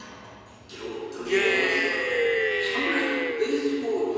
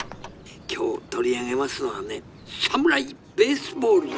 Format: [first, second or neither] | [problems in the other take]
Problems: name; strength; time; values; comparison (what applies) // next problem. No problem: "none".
second | background sound (Cheering); 4 dB above the speech // room echo; dies away in 1.9 s